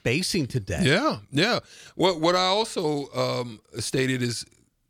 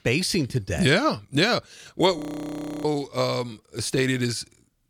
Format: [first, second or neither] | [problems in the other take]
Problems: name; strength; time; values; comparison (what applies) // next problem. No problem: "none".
first | audio freezing; at 2 s for 0.5 s